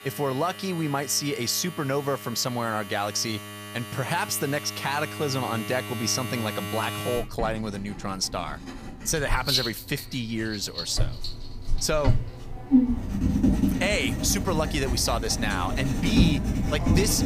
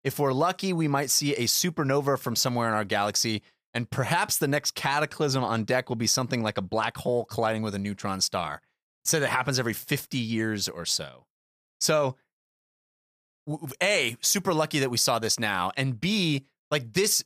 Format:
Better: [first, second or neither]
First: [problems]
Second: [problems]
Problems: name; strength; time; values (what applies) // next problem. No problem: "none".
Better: second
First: household noises; loud; throughout; 1 dB below the speech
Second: none